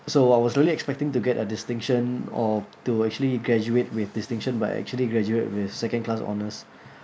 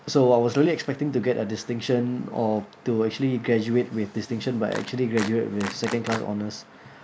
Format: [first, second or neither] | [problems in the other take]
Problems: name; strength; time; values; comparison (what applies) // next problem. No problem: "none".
first | background sound (Clapping); 12 dB below the speech